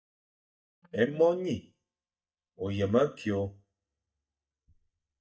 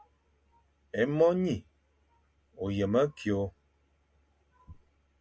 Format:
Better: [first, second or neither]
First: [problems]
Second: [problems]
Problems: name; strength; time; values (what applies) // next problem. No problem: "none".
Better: second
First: noise reduction (neural mask model DeepFilterNet 3)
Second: none